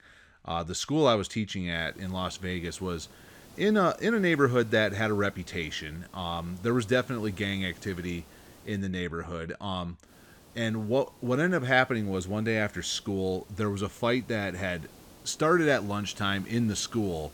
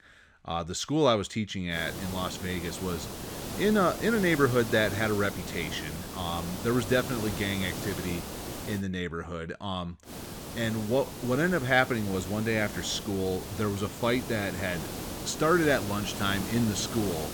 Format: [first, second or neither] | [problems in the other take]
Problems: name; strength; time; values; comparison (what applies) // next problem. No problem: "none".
first | hiss; loud; from 1.5 to 9 s and from 10 s on; 8 dB below the speech; faint in the first